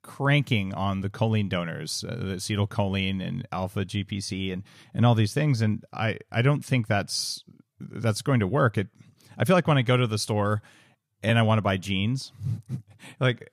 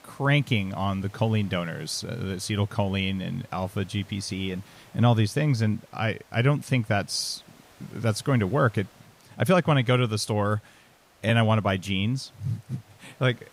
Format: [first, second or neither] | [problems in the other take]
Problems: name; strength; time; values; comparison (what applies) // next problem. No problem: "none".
first | hiss; faint; throughout; 30 dB below the speech